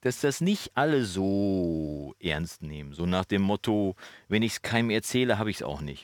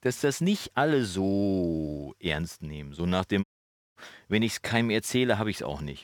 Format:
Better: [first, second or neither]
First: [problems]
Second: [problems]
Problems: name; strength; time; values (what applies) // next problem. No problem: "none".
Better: first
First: none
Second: audio cutting out; at 3.5 s for 0.5 s